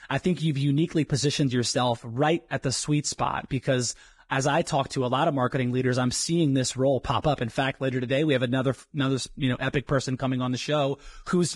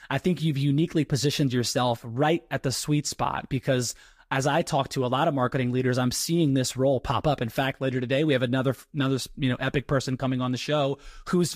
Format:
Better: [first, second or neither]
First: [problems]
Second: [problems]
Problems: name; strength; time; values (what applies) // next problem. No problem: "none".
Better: second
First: garbled, watery; badly; nothing above 10.5 kHz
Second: garbled, watery; slightly; nothing above 15 kHz